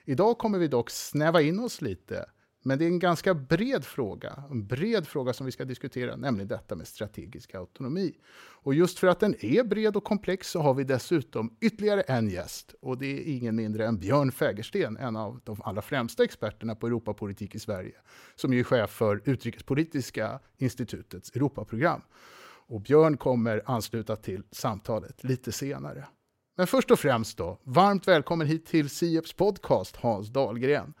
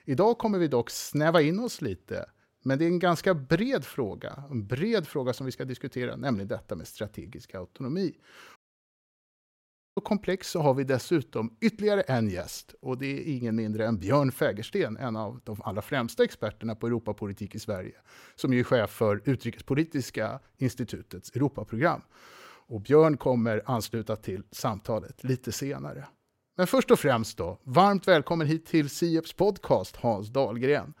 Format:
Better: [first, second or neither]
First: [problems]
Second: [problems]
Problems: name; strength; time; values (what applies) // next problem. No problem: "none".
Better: first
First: none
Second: audio cutting out; at 8.5 s for 1.5 s